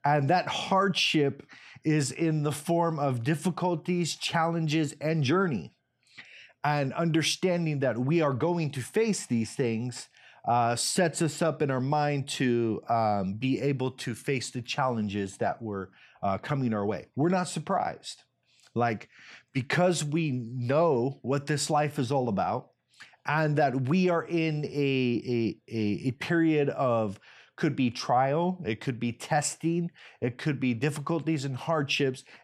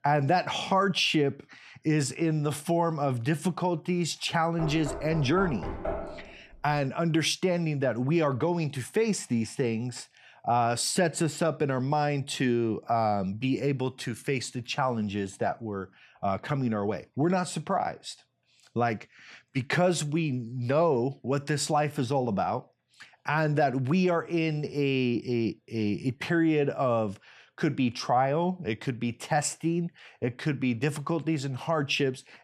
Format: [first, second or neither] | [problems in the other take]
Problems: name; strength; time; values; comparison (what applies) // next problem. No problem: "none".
first | door banging; noticeable; from 4.5 to 7 s; peak 6 dB below the speech